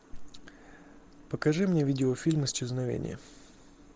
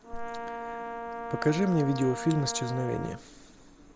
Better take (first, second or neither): first